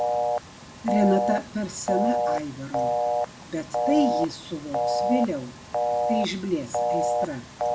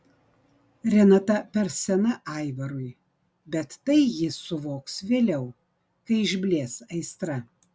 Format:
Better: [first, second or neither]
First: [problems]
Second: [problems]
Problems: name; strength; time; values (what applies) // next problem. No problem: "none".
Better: second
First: background sound (Telephone); 2 dB above the speech // room echo; dies away in 0.5 s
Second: none